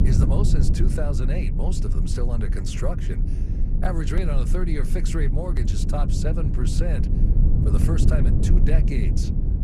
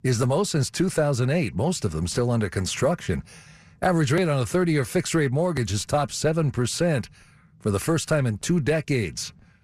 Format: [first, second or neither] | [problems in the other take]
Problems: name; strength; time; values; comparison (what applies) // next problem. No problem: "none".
second | low rumble; loud; throughout; 3 dB below the speech